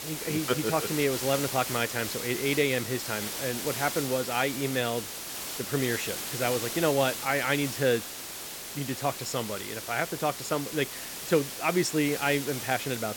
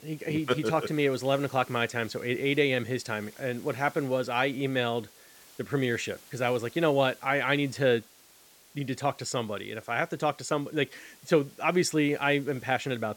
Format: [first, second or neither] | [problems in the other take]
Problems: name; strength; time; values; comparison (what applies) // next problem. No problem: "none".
second | hiss; loud; throughout; 5 dB below the speech; faint in the second